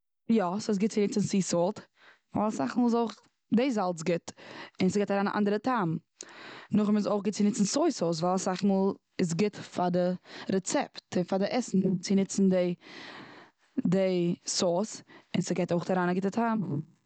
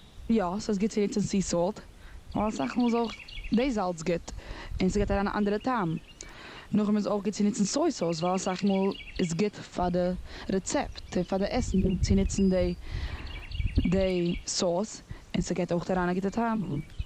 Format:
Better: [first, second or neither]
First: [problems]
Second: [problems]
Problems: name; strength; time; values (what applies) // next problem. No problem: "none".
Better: first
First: none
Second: background sound (Bird vocalization, bird call, bird song); 9 dB below the speech